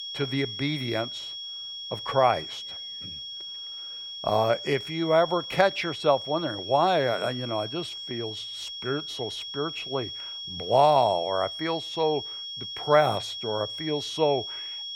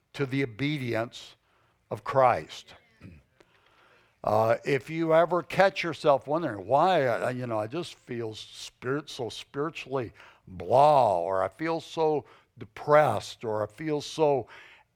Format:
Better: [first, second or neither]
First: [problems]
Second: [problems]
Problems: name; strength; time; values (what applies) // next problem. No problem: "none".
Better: second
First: high-pitched whine; loud; throughout; 3.5 kHz, 8 dB below the speech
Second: none